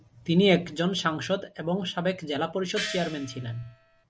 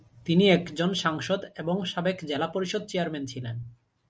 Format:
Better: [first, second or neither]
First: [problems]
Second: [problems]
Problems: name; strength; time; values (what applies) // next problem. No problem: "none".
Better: second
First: background sound (Gong); 10 dB below the speech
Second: none